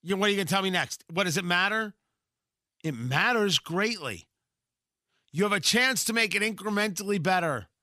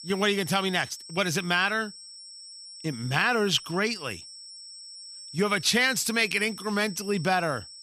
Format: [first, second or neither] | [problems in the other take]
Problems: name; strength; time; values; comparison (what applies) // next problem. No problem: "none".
first | high-pitched whine; noticeable; throughout; 5.5 kHz, 15 dB below the speech